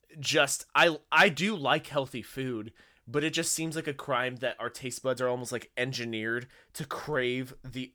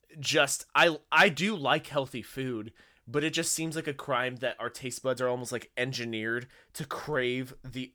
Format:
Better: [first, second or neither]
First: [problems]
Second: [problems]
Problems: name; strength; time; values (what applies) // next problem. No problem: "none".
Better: neither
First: none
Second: none